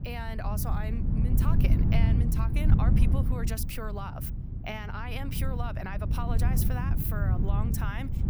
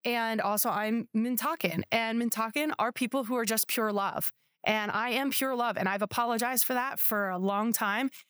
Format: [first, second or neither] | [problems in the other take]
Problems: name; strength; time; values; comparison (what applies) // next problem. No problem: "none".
second | wind noise on the microphone; heavy; 3 dB below the speech